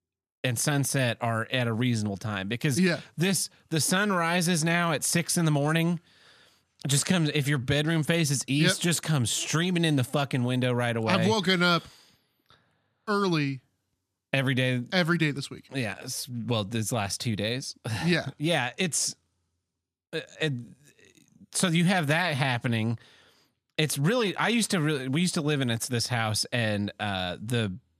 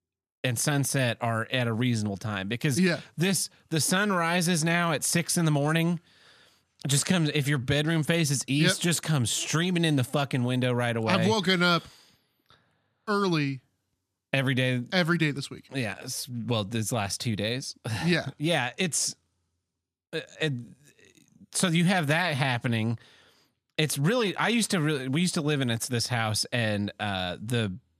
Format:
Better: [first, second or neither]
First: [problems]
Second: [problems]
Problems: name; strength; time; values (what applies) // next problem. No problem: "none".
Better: neither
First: none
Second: none